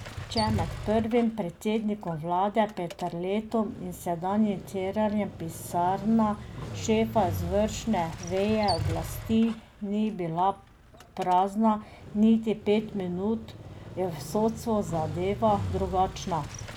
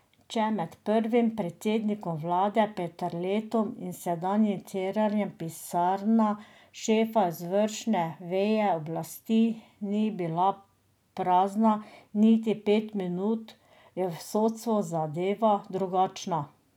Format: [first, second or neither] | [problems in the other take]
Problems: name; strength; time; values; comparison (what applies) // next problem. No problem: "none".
second | background sound (Motorcycle); 11 dB below the speech